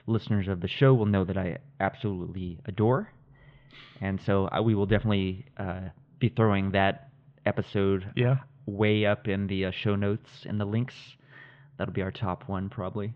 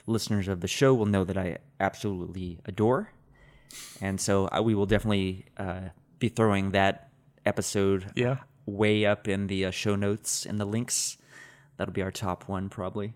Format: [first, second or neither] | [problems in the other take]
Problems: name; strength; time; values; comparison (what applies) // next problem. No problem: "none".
second | muffled; very; fading above 3.5 kHz